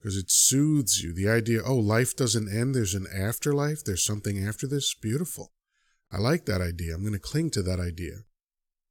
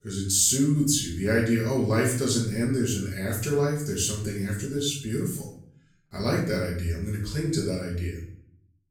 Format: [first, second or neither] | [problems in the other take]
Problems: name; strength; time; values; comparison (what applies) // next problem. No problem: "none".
first | off-mic speech; far // room echo; noticeable; dies away in 0.5 s